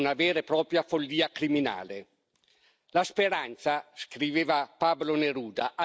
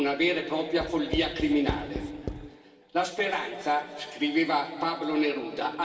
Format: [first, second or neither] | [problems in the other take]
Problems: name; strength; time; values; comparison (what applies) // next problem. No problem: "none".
first | background sound (Writing); 9 dB below the speech // room echo; dies away in 2.9 s